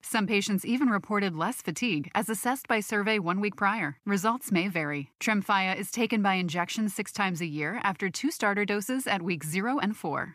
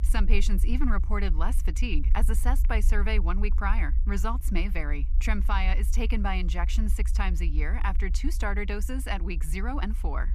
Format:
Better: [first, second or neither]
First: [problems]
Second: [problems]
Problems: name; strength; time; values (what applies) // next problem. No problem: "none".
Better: first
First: none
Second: low rumble; noticeable; throughout; 15 dB below the speech